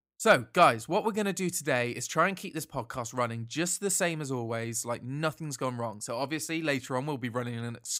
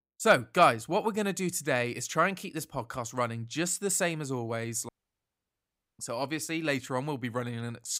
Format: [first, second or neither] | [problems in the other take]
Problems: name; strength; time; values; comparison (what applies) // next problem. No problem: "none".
first | audio cutting out; at 5 s for 1 s